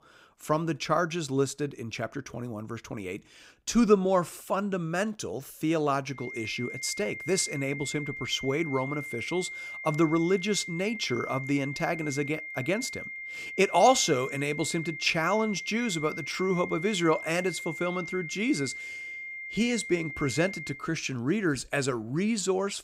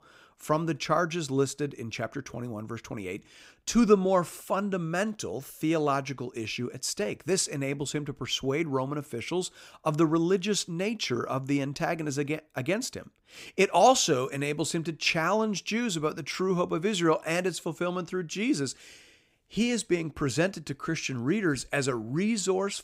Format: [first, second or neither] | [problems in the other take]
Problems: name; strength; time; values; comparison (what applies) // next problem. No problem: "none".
second | high-pitched whine; loud; from 6 to 21 s; 2 kHz, 8 dB below the speech